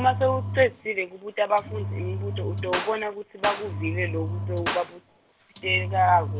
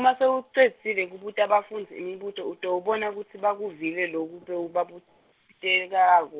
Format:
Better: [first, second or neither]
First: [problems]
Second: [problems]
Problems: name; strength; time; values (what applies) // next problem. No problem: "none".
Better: second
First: background sound (Clapping + Engine); 5 dB below the speech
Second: none